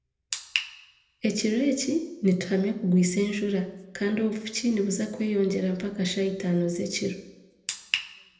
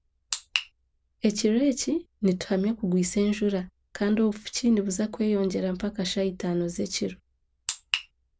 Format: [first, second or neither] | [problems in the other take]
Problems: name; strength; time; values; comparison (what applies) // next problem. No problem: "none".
second | room echo; dies away in 0.7 s